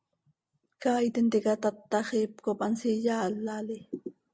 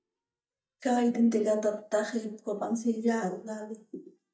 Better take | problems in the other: first | noise reduction (neural mask model DeepFilterNet 3)

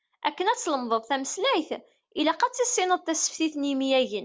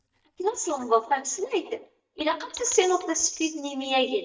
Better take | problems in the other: first | noise reduction (neural mask model DeepFilterNet 3)

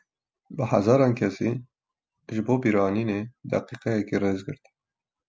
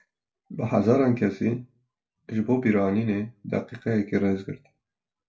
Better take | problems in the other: first | room echo; dies away in 0.2 s

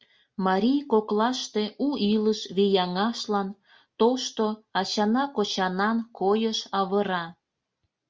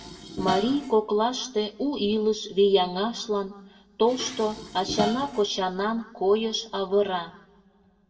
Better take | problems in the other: first | background sound (Dishes, pots, and pans); 13 dB below the speech // room echo; dies away in 1.1 s

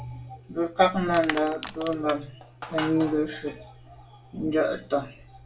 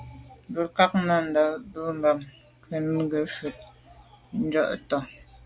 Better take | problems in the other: second | background sound (Crushing); 10 dB below the speech // room echo; dies away in 0.3 s

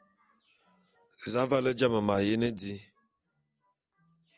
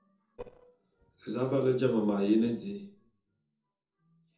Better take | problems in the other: first | noise reduction (neural separator model SepFormer DNS4)

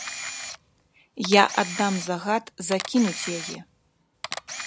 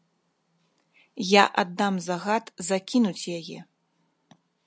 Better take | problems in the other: second | background sound (Camera); 10 dB below the speech

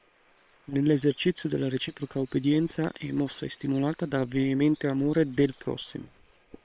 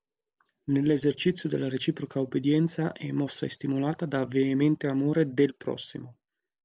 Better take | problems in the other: second | noise reduction (neural separator model SepFormer WHAM!)

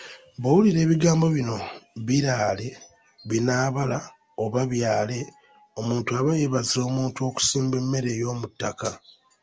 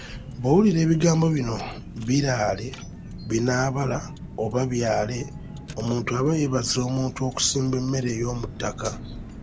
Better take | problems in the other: first | background sound (Car); 13 dB below the speech

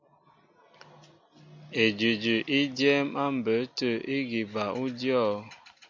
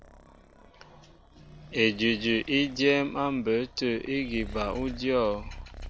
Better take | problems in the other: first | background sound (Purr); 16 dB below the speech

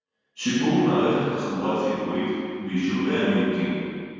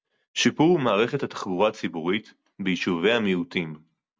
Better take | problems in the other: second | room echo; dies away in 2.1 s

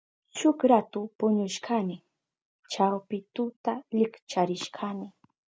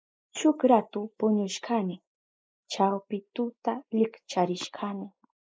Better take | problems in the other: first | noise reduction (neural mask model Resemble Enhance denoiser)

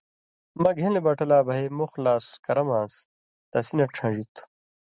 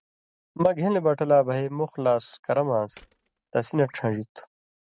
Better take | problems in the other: first | noise reduction (neural mask model RNNoise)

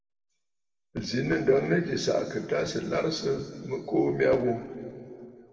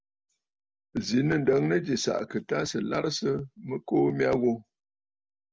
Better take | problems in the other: second | room echo; dies away in 2.4 s

